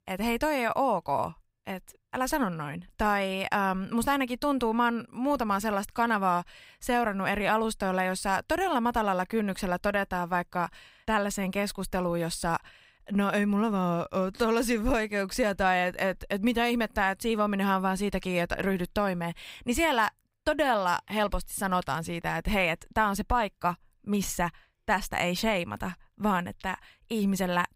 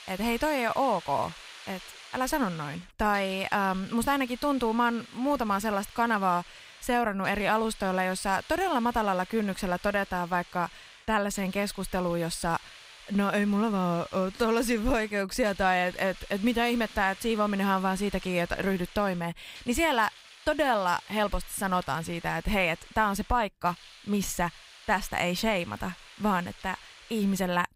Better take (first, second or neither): first